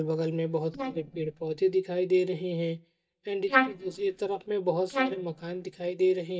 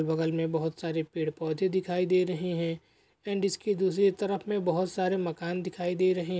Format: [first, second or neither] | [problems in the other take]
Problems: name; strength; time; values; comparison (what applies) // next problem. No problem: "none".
second | noise reduction (neural mask model DeepFilterNet 3)